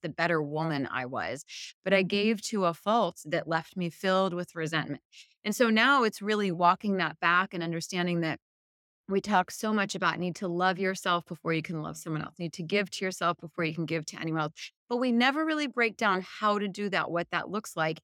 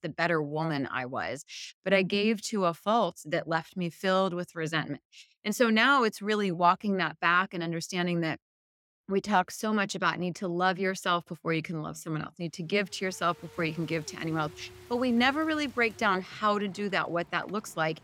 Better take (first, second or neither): first